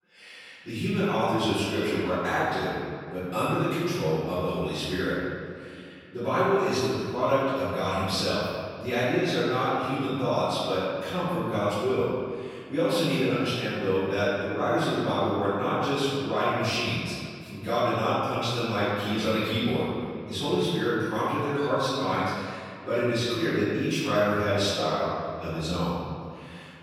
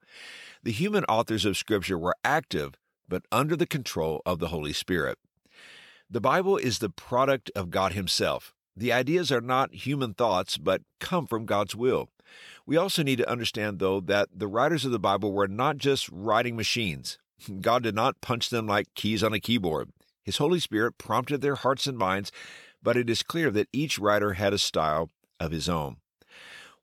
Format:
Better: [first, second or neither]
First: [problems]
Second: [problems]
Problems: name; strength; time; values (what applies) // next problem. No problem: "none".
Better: second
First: room echo; strong; dies away in 2.1 s // off-mic speech; far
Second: none